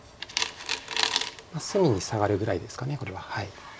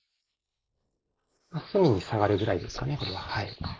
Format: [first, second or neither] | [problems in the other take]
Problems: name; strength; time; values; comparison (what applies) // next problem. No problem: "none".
first | noise reduction (neural mask model Resemble Enhance denoiser)